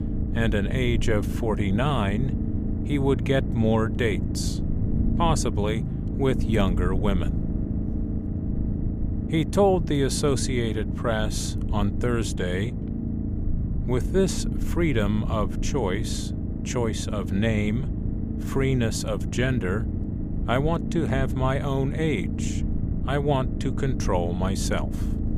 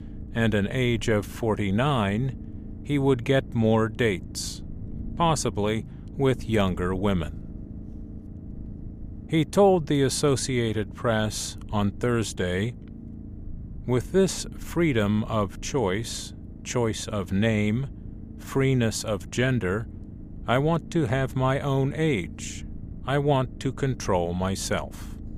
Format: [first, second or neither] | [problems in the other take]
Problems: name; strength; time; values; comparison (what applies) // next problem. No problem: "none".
second | low rumble; loud; throughout; 9 dB below the speech; faint in the second